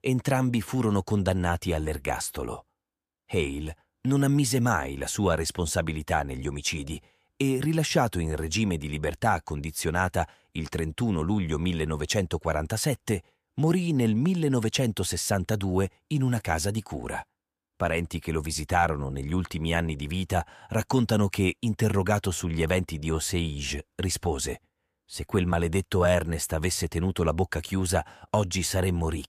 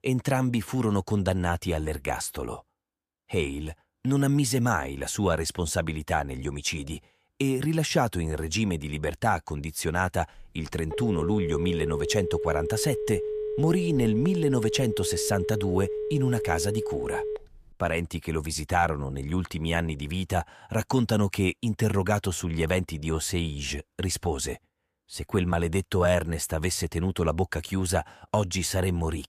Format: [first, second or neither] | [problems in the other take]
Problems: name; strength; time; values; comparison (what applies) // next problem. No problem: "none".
first | phone ringing; noticeable; from 10 to 18 s; peak 3 dB below the speech